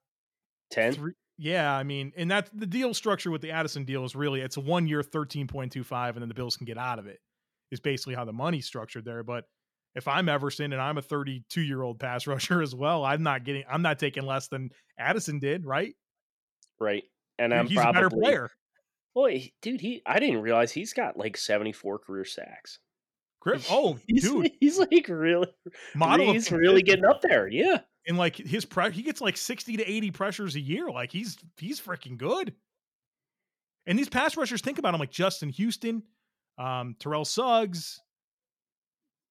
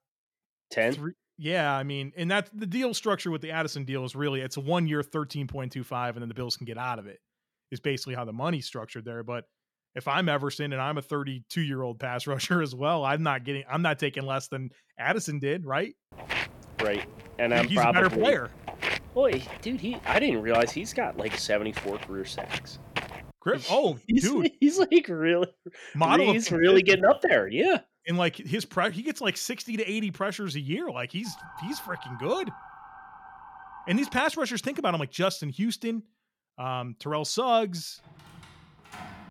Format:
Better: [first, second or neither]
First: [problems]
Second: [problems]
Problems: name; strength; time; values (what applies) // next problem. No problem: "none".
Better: first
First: none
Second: footsteps; noticeable; from 16 to 23 s; peak 2 dB below the speech // siren; faint; from 31 to 34 s; peak 15 dB below the speech // door banging; faint; from 38 s on; peak 15 dB below the speech